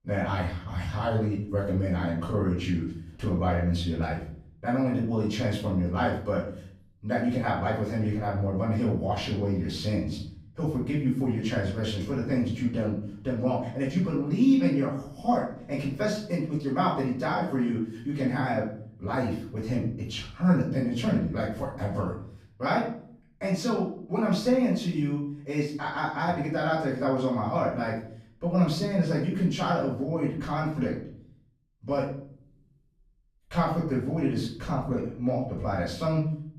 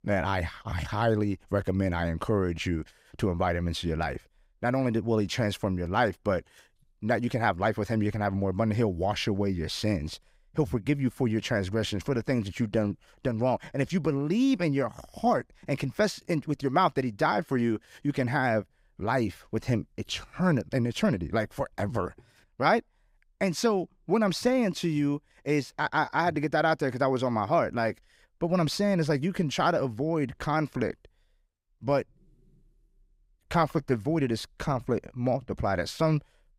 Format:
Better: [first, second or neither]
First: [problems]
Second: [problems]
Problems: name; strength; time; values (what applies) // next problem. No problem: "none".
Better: second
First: off-mic speech; far // room echo; noticeable; dies away in 0.6 s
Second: none